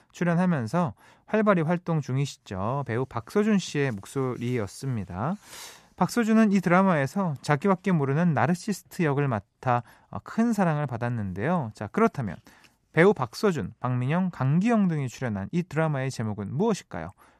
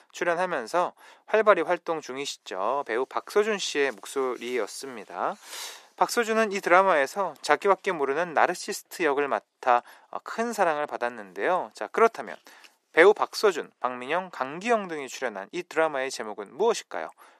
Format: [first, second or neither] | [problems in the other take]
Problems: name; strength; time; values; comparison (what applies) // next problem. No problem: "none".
first | thin; very; fading below 350 Hz